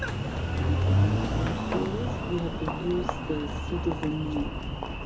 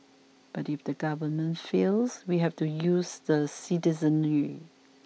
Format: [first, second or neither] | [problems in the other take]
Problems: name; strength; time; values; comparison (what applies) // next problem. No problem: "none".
second | background sound (Engine); 5 dB above the speech // room echo; dies away in 0.2 s